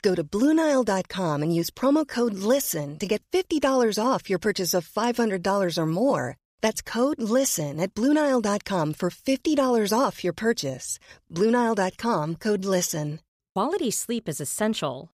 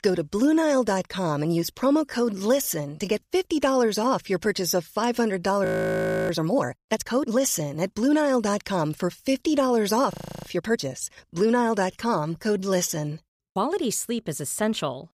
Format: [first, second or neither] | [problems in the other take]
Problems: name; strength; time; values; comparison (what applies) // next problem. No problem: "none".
first | audio freezing; at 5.5 s for 0.5 s and at 10 s